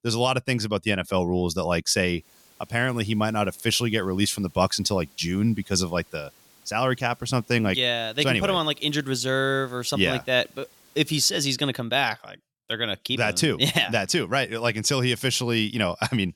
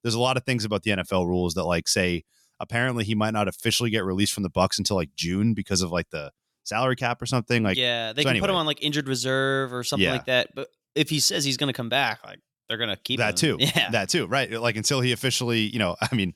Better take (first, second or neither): second